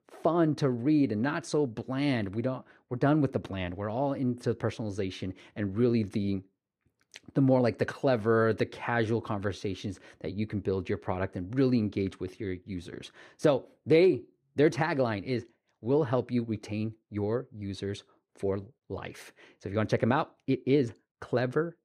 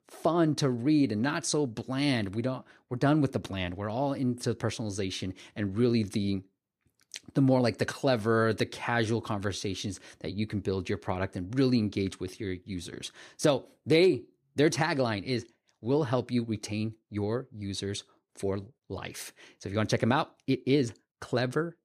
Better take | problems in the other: second | muffled; slightly; fading above 3.5 kHz

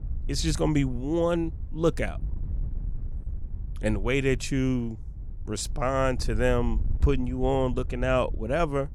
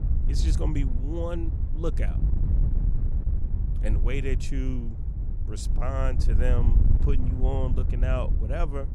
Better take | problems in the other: first | wind noise on the microphone; heavy; 8 dB below the speech; occasional gusts in the first

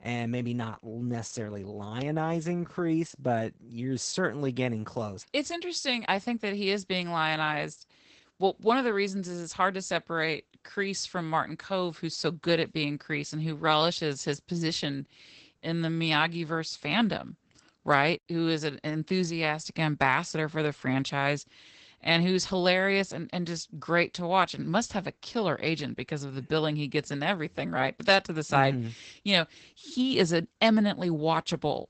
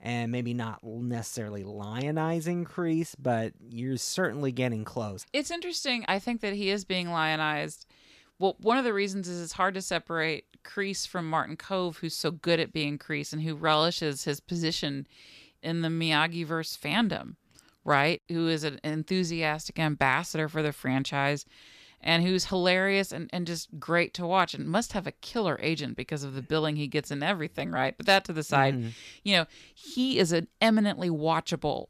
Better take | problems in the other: second | garbled, watery; badly; nothing above 8 kHz

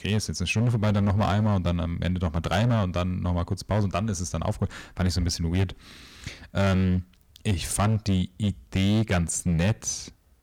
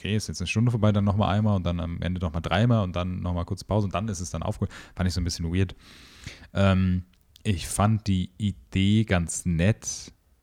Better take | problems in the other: second | distortion; slight; 11% of the sound clipped

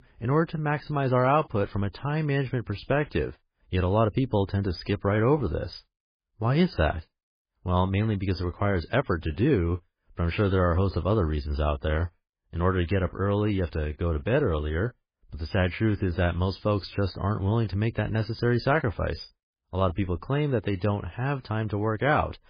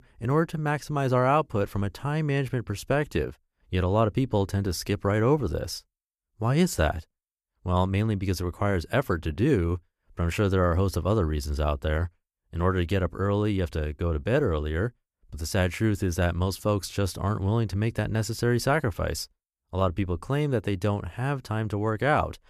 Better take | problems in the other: second | garbled, watery; badly; nothing above 5 kHz

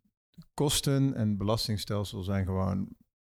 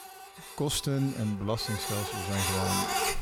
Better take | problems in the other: first | household noises; very loud; throughout; 1 dB above the speech

